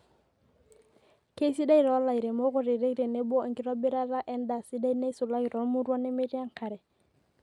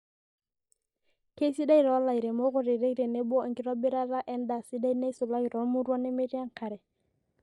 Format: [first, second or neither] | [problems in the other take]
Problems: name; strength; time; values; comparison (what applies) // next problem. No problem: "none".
first | noise reduction (neural mask model DeepFilterNet 3)